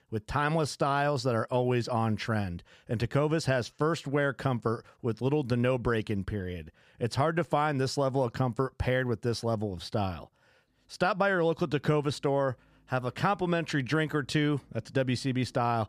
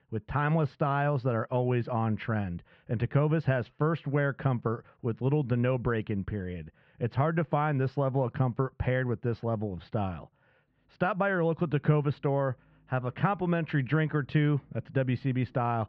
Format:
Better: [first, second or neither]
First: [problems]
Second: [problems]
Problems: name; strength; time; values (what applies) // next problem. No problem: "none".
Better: first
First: none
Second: muffled; very; fading above 2.5 kHz